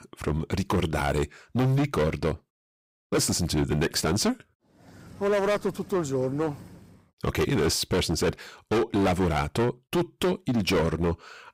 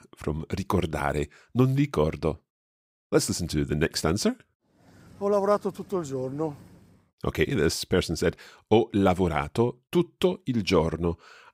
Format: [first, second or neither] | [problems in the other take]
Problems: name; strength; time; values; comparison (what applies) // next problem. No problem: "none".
second | distortion; heavy; 14% of the sound clipped